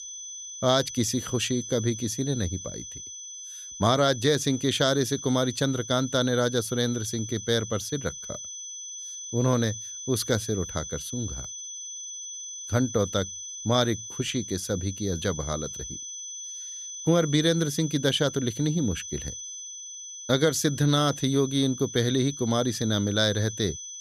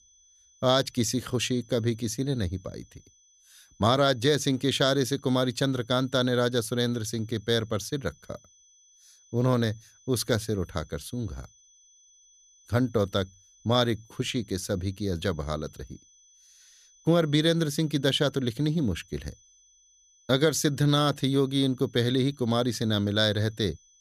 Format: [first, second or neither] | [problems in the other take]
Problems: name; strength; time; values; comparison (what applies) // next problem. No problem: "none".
second | high-pitched whine; loud; throughout; 6 kHz, 10 dB below the speech; faint in the second